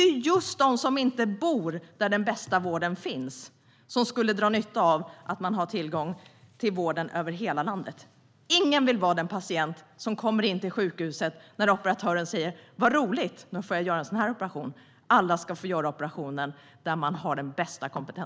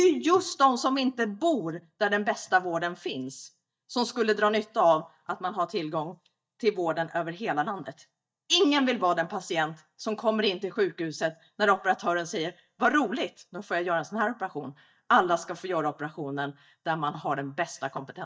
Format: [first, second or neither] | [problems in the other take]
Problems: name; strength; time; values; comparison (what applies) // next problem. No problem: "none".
first | noise reduction (neural mask model DeepFilterNet 3)